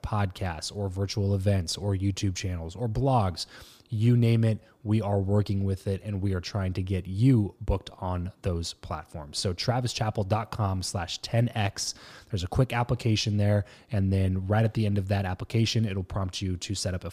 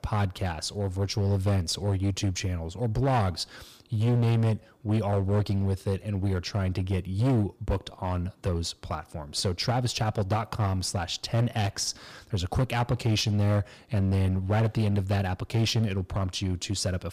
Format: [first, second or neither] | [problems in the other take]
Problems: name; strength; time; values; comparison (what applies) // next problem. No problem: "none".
first | distortion; slight; 9% of the sound clipped